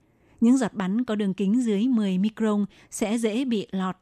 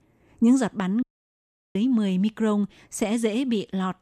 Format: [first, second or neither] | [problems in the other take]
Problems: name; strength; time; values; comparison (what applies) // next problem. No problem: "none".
first | audio cutting out; at 1 s for 0.5 s